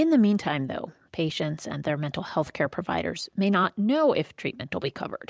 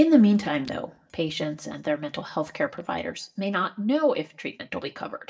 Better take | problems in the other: first | noise reduction (neural mask model DeepFilterNet 3)

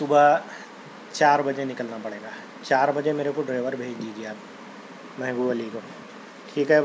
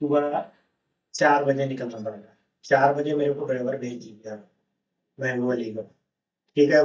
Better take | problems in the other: first | noise reduction (neural mask model DeepFilterNet 3)

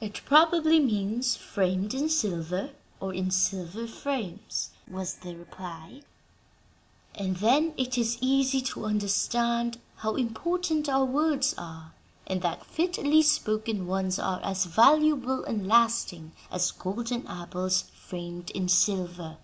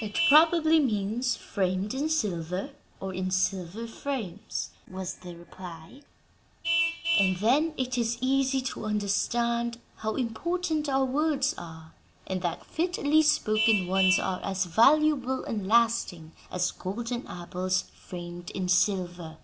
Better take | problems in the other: first | background sound (Vehicle horn, car horn, honking); 10 dB below the speech

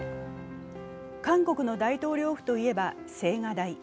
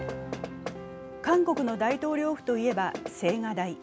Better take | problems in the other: first | background sound (Knock); 12 dB below the speech

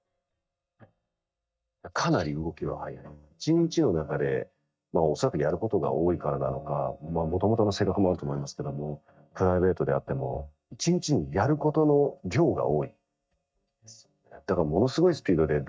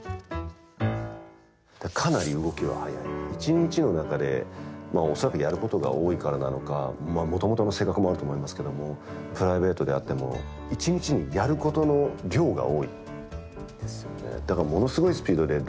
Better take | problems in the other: second | noise reduction (neural mask model DeepFilterNet 3)

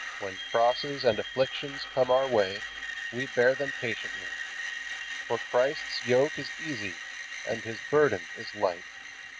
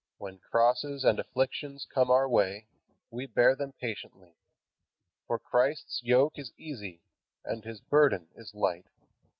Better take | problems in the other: second | background sound (Screech); 8 dB below the speech

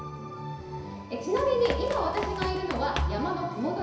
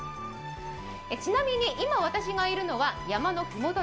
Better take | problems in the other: second | background sound (Run); 5 dB below the speech // room echo; dies away in 1 s

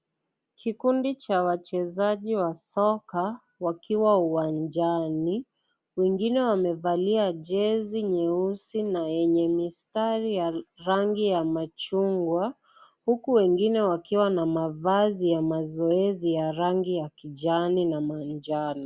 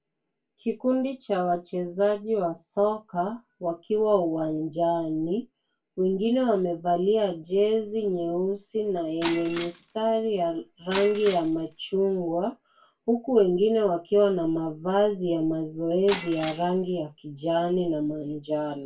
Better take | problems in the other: first | background sound (Shatter); 14 dB below the speech // room echo; dies away in 0.2 s

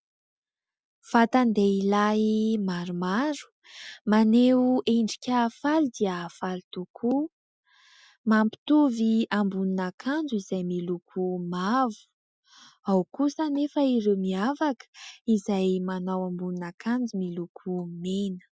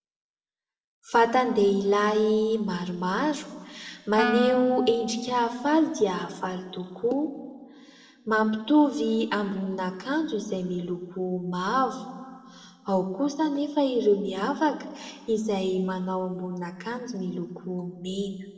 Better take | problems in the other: first | noise reduction (neural separator model SepFormer DNS4)

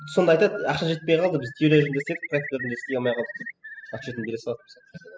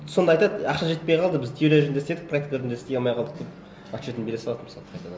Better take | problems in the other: second | noise reduction (classical method spectral subtraction)

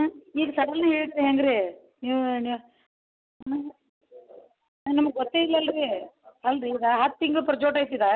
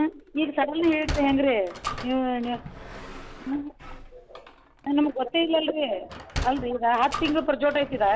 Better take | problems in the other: first | background sound (Sliding door); 12 dB below the speech

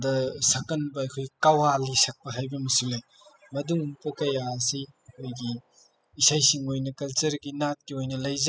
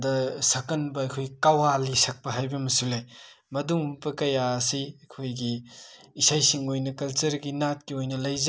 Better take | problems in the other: second | noise reduction (classical method spectral subtraction)

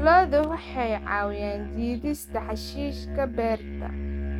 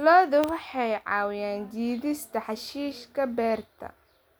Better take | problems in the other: second | noise reduction (neural mask model RNNoise)

